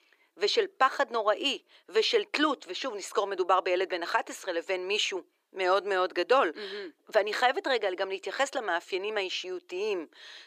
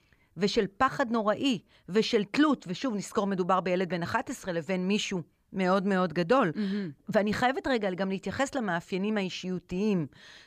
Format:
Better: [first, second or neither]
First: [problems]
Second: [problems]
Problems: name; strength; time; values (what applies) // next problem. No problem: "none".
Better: second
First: thin; very; fading below 350 Hz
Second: none